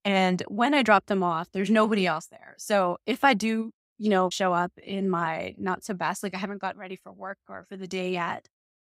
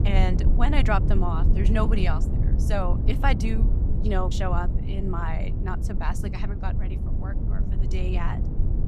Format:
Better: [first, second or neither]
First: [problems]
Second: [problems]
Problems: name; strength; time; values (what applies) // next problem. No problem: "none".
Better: first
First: none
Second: low rumble; loud; throughout; 8 dB below the speech